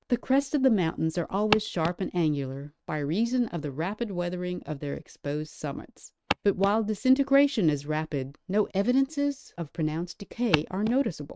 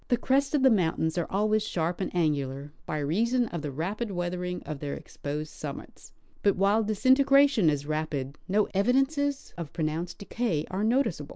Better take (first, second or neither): second